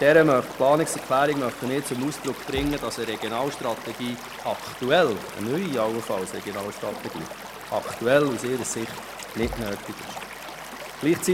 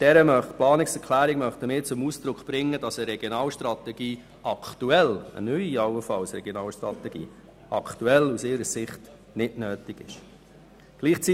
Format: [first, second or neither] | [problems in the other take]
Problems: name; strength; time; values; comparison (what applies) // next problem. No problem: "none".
second | background sound (Stream / Liquid + Bass drum); 12 dB below the speech